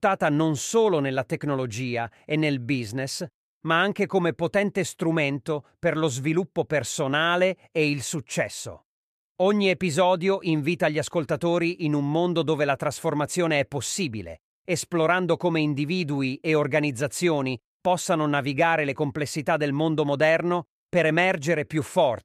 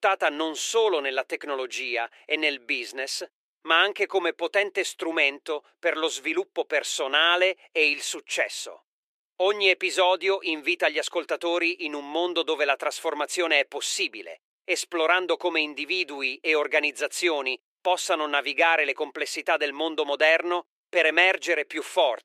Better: first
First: none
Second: thin; very; fading below 350 Hz

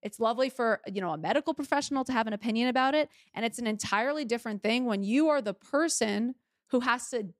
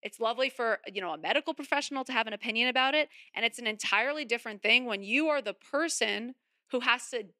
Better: first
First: none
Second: thin; very slightly; fading below 350 Hz

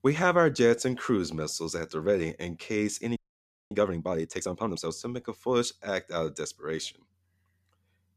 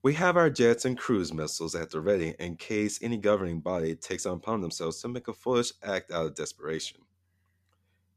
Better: second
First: audio freezing; at 3 s for 0.5 s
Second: none

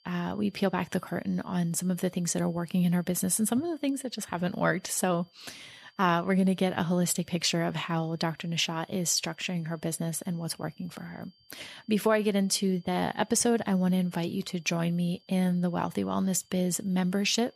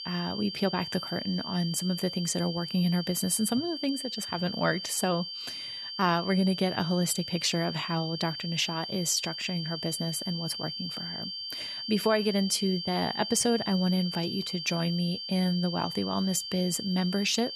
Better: first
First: high-pitched whine; faint; throughout; 4.5 kHz, 35 dB below the speech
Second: high-pitched whine; loud; throughout; 4.5 kHz, 6 dB below the speech

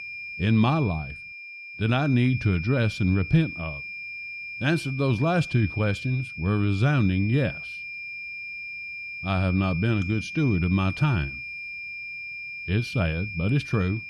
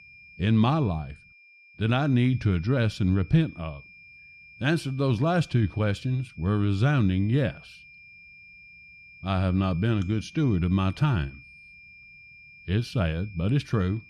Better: second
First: high-pitched whine; loud; throughout; 2.5 kHz, 9 dB below the speech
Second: high-pitched whine; faint; throughout; 2.5 kHz, 20 dB below the speech

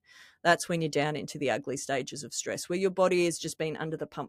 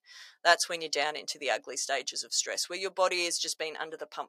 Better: first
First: none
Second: thin; very; fading below 750 Hz

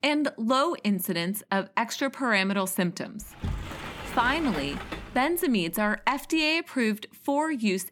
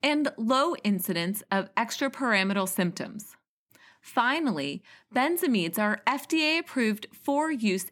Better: second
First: door banging; noticeable; from 3 to 6.5 s; peak 8 dB below the speech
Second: none

